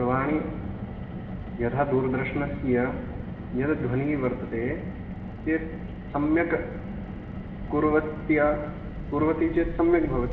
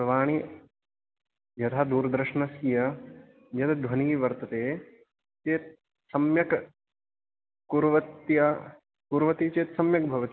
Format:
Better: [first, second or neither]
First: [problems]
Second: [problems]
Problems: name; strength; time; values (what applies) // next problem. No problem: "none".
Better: second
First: background sound (Car); 8 dB below the speech // room echo; dies away in 2.7 s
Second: none